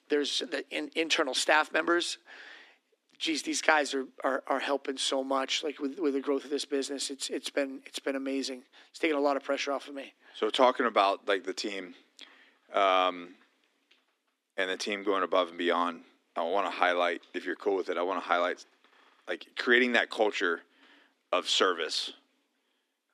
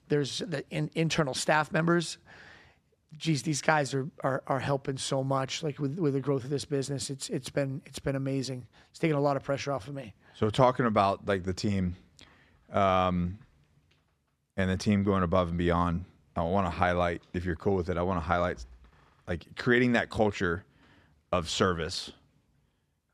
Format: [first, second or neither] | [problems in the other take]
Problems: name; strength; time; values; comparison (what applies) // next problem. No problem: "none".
second | thin; somewhat; fading below 250 Hz